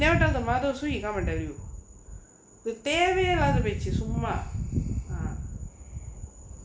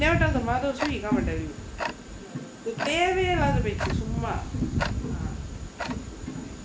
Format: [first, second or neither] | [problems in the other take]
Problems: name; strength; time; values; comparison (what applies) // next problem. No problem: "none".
first | background sound (Tick-tock); 7 dB below the speech